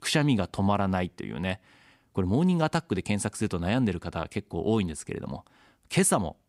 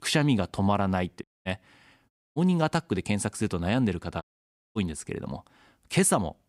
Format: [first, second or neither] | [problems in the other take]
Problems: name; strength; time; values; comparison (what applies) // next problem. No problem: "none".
first | audio cutting out; at 1 s, at 2 s and at 4 s for 0.5 s